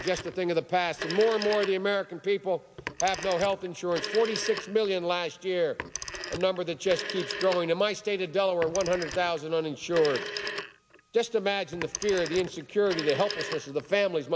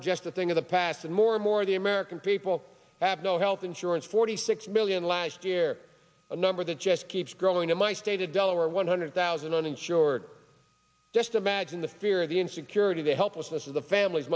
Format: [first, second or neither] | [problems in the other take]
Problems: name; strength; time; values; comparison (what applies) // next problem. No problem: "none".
second | background sound (Telephone); 10 dB below the speech